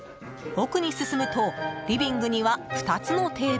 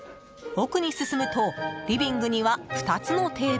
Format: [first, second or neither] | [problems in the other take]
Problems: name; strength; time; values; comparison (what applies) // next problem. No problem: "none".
second | background sound (Bowed string instrument); 15 dB below the speech